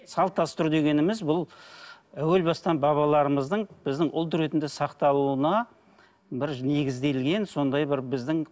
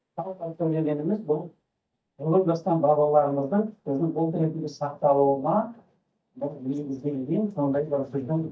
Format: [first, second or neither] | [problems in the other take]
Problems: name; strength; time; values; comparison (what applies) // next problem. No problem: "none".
first | noise reduction (neural mask model DeepFilterNet 3)